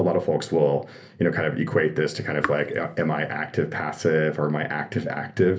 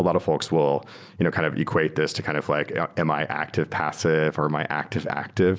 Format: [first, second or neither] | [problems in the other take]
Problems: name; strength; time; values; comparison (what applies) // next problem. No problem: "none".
second | background sound (Raindrop / Drip); 11 dB below the speech // room echo; dies away in 0.3 s